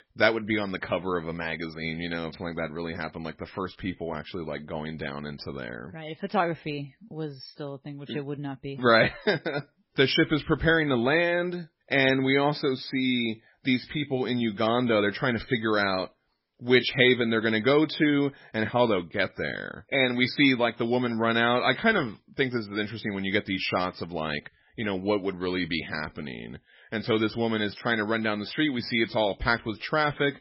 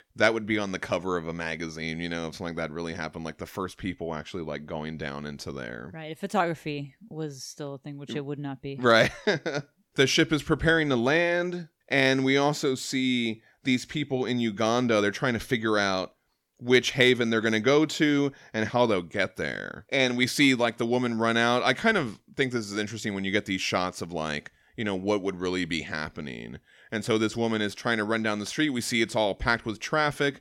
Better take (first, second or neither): second